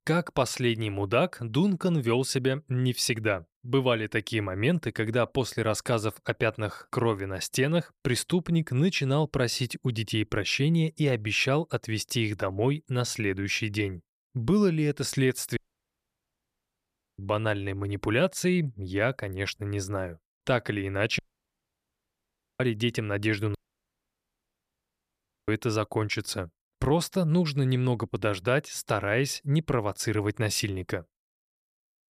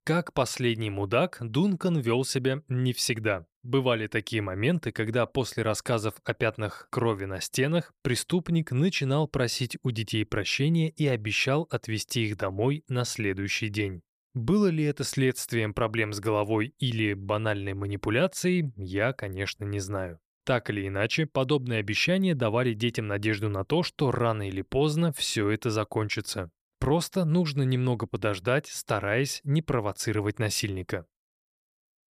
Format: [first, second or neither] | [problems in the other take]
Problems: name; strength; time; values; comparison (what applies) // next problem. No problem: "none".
second | audio cutting out; at 16 s for 1.5 s, at 21 s for 1.5 s and at 24 s for 2 s